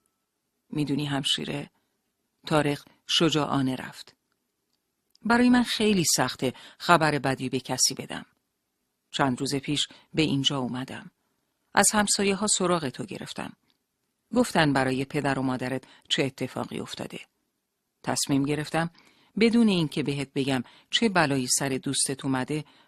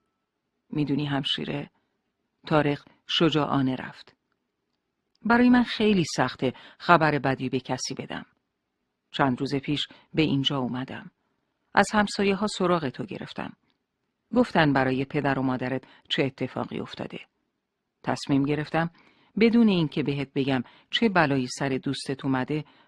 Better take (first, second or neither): first